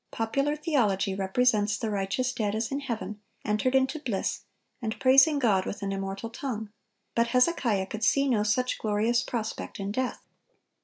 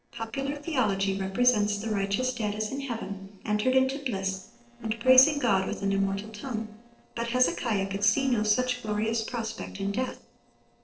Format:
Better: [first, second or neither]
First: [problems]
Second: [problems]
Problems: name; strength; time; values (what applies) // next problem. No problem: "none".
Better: first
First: none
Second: noise reduction (neural separator model SepFormer DNS4)